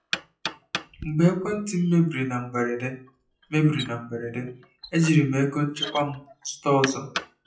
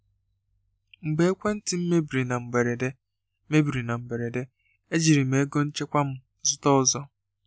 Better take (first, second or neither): second